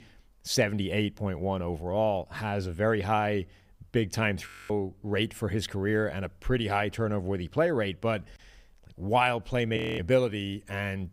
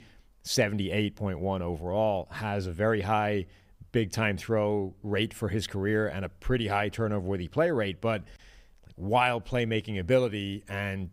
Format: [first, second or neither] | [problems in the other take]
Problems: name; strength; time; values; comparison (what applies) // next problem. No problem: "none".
second | audio freezing; at 4.5 s and at 10 s